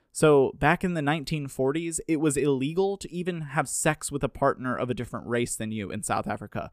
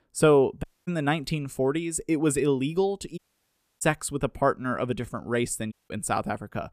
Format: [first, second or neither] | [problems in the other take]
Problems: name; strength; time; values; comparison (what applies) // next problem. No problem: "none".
first | audio cutting out; at 0.5 s, at 3 s for 0.5 s and at 5.5 s